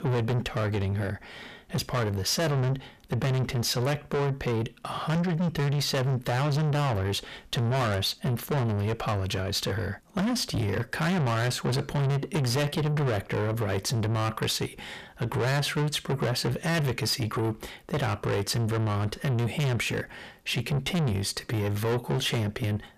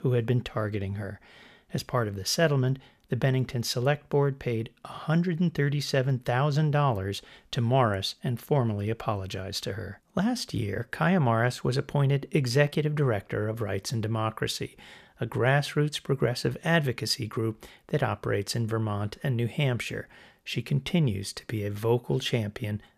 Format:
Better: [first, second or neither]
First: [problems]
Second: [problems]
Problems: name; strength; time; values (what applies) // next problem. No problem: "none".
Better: second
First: distortion; heavy; 6 dB below the speech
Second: none